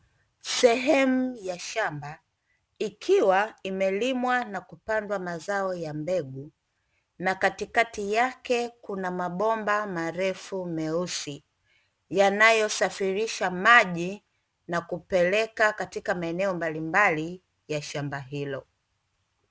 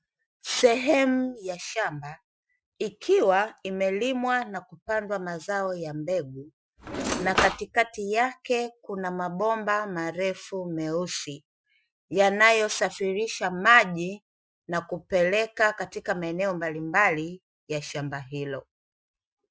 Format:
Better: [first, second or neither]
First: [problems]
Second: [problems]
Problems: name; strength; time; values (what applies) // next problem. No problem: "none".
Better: first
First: none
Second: noise reduction (classical method Wiener filter)